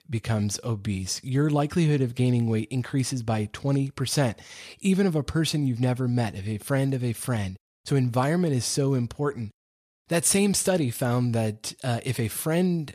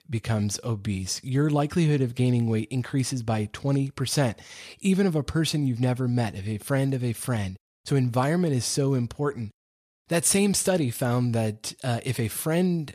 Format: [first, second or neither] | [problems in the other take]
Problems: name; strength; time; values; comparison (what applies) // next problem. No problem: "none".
neither | none